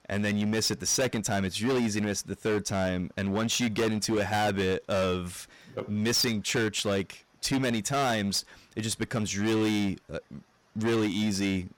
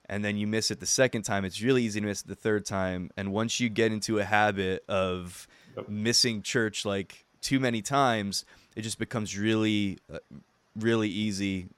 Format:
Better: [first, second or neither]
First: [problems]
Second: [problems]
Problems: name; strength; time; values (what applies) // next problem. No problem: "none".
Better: second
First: distortion; heavy; 16% of the sound clipped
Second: none